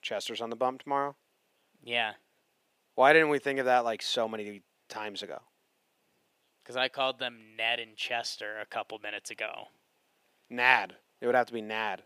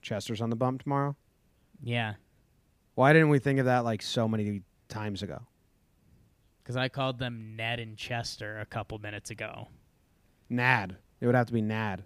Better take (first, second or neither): second